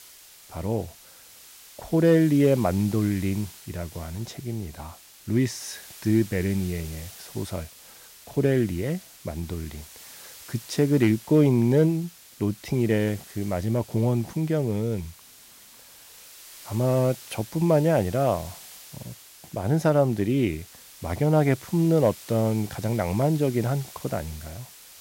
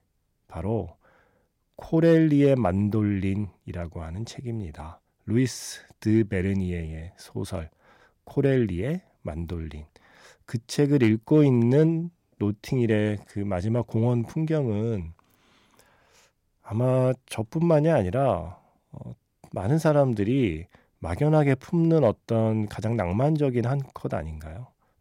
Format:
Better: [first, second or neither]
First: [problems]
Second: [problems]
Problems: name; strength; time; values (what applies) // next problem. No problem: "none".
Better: second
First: hiss; noticeable; throughout; 20 dB below the speech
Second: none